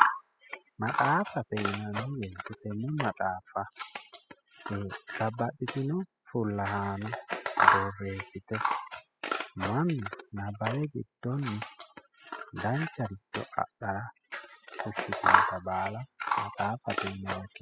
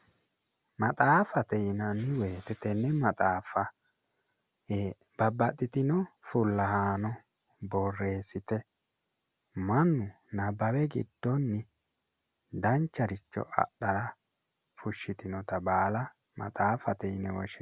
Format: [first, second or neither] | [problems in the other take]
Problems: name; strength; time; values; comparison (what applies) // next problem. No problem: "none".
second | noise reduction (classical method spectral subtraction)